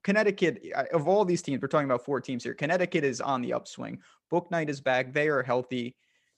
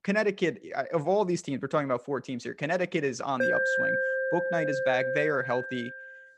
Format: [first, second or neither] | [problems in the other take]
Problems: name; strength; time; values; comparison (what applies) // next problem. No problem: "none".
first | alarm; loud; from 3.5 s on; peak 5 dB above the speech